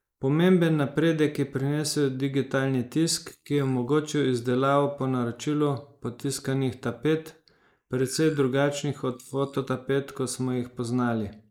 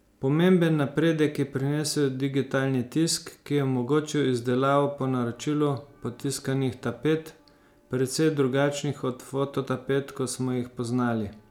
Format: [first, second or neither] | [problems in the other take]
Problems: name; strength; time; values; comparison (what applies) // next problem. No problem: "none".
second | noise reduction (neural mask model Resemble Enhance denoiser)